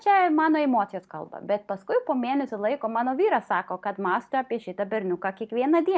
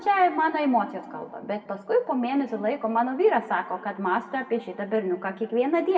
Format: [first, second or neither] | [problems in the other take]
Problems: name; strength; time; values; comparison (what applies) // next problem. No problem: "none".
first | room echo; dies away in 1.3 s